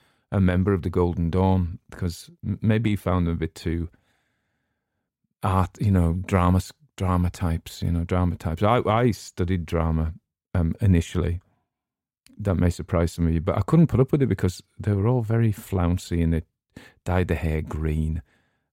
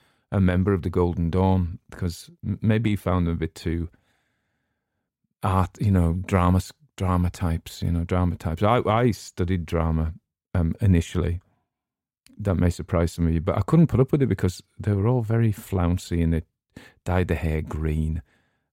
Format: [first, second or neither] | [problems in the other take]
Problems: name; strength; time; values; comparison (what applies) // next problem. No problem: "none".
neither | none